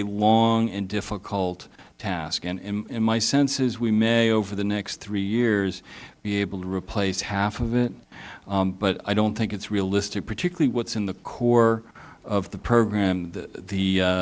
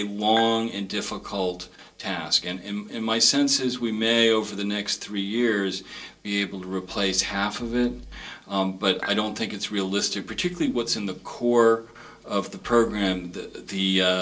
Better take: first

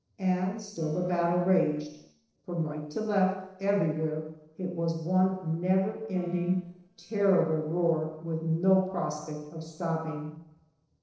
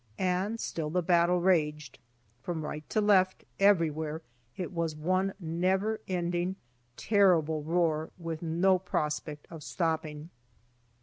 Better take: second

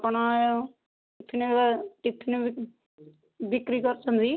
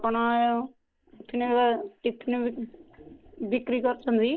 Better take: first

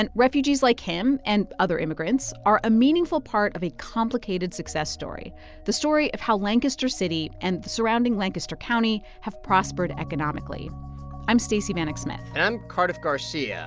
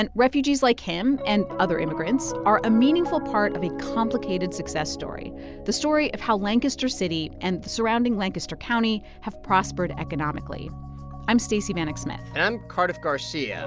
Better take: first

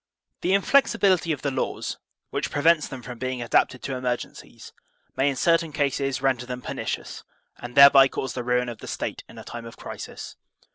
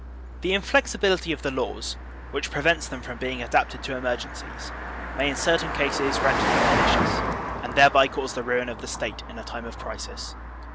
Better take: first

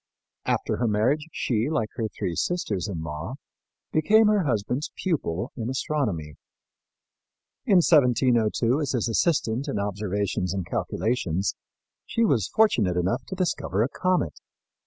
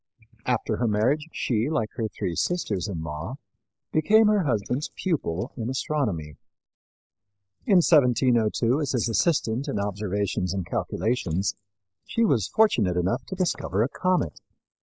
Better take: first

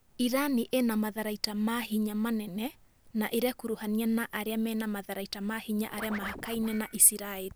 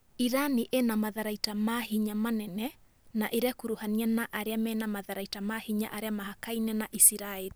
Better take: second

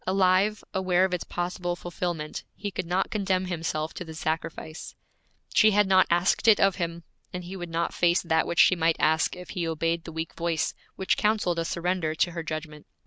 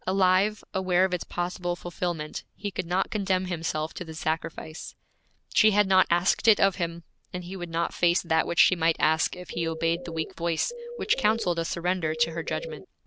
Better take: first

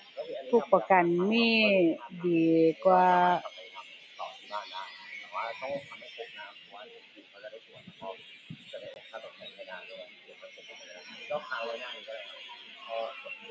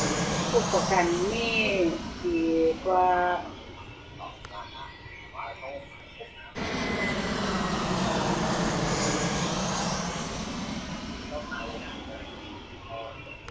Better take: first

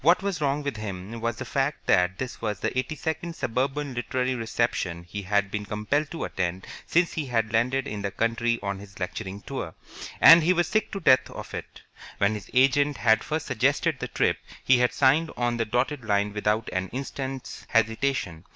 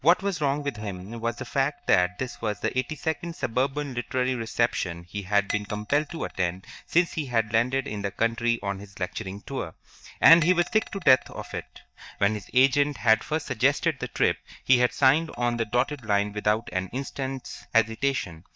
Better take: first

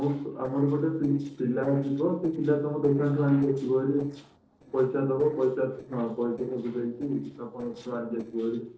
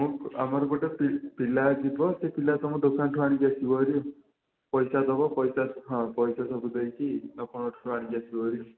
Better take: second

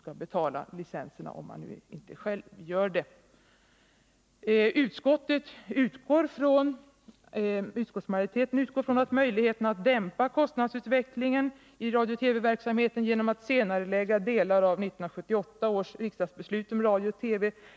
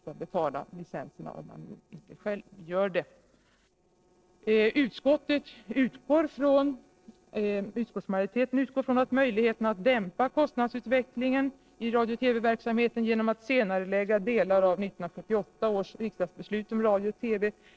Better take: first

